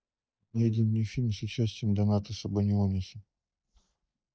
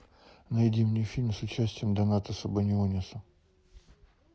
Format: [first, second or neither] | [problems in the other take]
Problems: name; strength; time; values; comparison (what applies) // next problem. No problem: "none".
second | noise reduction (neural mask model DeepFilterNet 3)